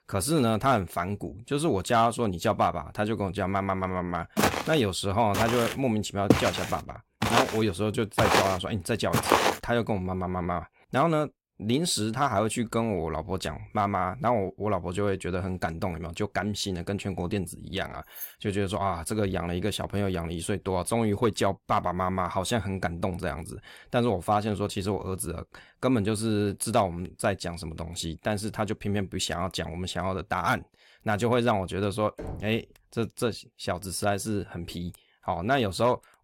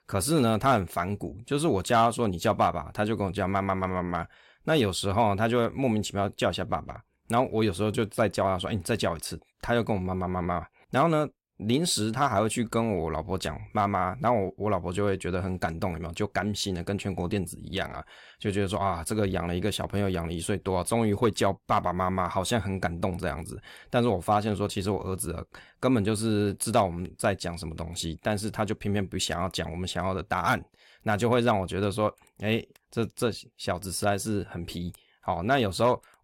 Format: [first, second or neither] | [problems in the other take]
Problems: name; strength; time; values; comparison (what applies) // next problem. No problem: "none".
second | footsteps; loud; from 4.5 to 9.5 s; peak 6 dB above the speech // jangling keys; faint; at 18 s; peak 10 dB below the speech // door banging; faint; at 32 s; peak 10 dB below the speech